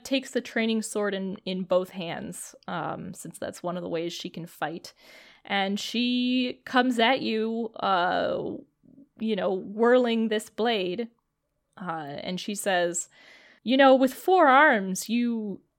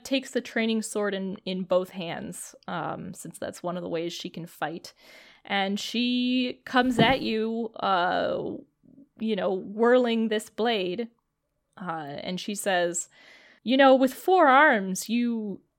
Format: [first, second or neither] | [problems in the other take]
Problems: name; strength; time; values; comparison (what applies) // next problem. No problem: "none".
first | footsteps; noticeable; at 7 s; peak 4 dB below the speech